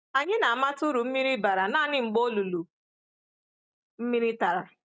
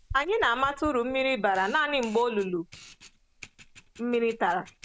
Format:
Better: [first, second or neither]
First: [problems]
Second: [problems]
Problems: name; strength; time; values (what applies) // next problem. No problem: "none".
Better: first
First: none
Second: background sound (Camera); 19 dB below the speech